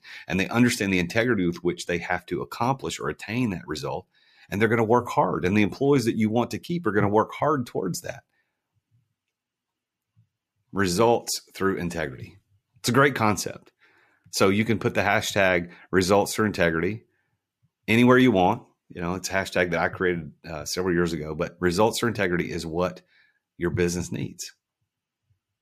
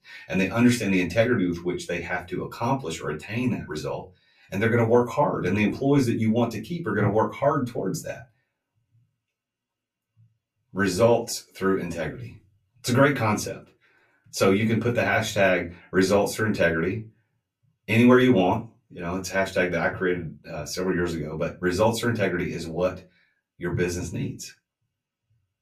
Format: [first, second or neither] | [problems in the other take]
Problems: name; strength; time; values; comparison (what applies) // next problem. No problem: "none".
first | off-mic speech; far // room echo; very slight; dies away in 0.2 s